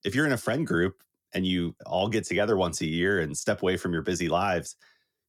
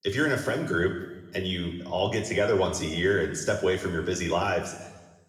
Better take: first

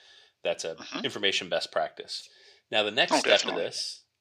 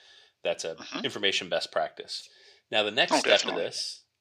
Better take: neither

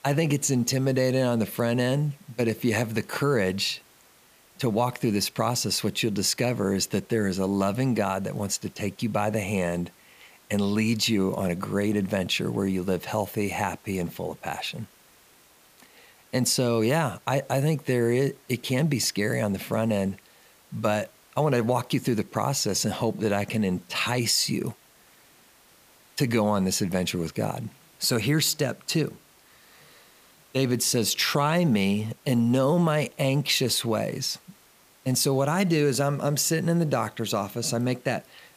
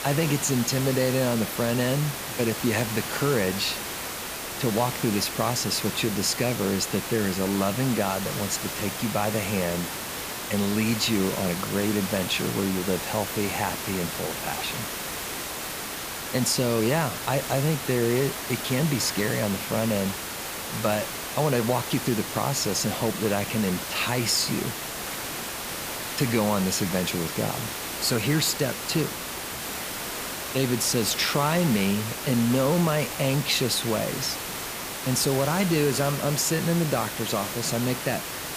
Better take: first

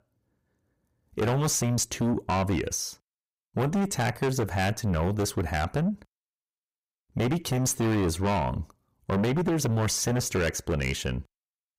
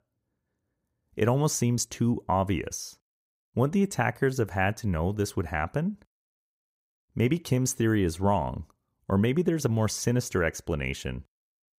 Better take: second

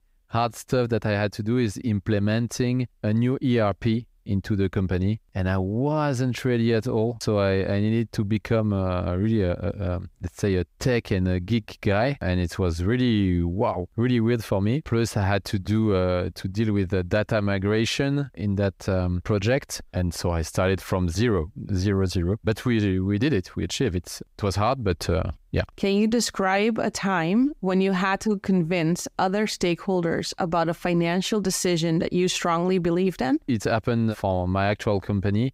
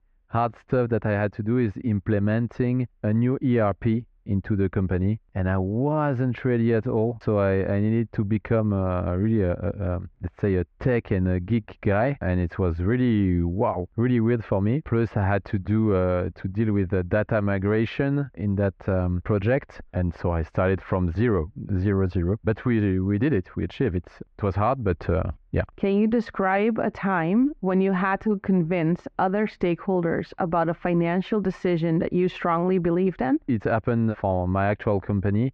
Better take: first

